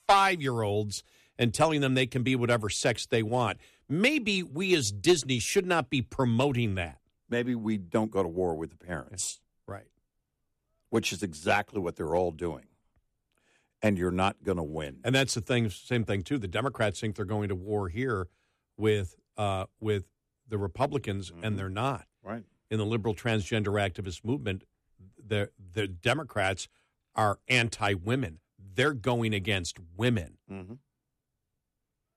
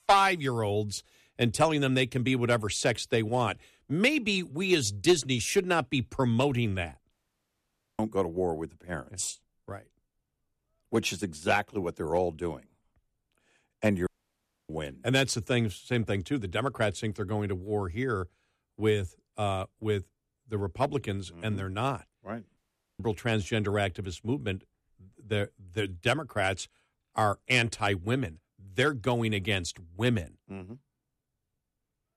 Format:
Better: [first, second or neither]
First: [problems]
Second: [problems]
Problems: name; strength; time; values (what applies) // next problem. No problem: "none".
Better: first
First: none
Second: audio cutting out; at 7 s for 1 s, at 14 s for 0.5 s and at 23 s